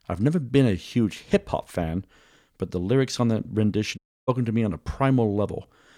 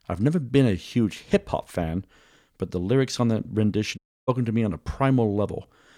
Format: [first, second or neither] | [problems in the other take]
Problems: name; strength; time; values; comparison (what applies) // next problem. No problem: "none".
neither | audio cutting out; at 4 s; the same in both